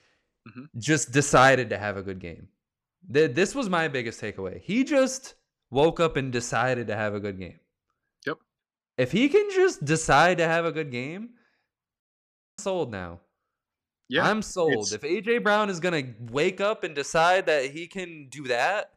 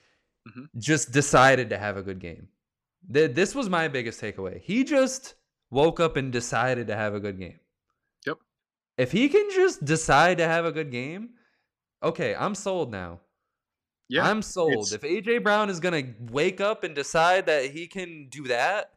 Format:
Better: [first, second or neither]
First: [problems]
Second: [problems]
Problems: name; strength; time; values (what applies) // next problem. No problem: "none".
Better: second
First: audio cutting out; at 12 s for 0.5 s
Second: none